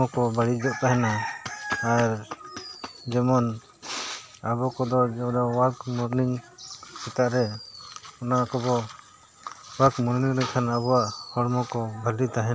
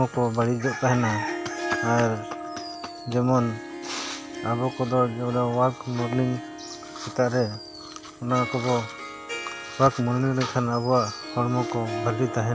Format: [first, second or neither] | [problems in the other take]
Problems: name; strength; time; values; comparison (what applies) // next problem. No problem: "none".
first | background sound (Harp); 11 dB below the speech